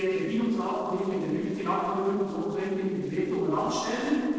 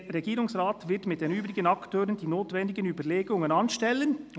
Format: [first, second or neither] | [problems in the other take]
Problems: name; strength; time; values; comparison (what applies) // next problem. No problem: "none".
second | noise reduction (neural separator model SepFormer DNS4)